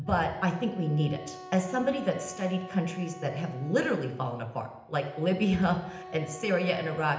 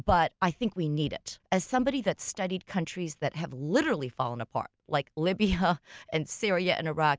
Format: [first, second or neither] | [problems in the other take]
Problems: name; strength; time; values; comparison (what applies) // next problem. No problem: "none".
second | background sound (Wind instrument, woodwind instrument); 15 dB below the speech // room echo; dies away in 0.8 s